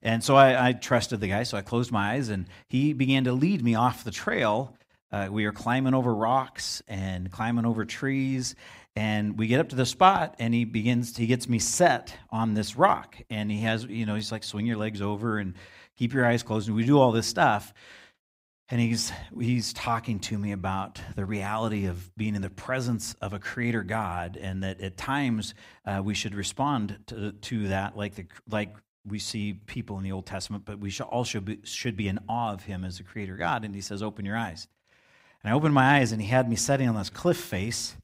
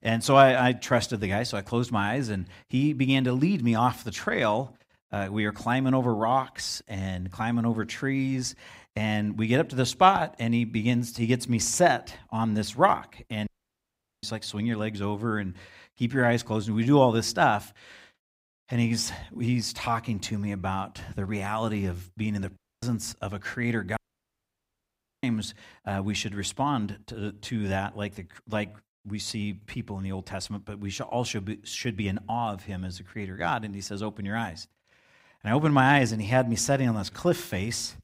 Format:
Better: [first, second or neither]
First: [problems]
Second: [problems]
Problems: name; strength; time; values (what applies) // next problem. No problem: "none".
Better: first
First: none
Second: audio cutting out; at 13 s for 1 s, at 23 s and at 24 s for 1.5 s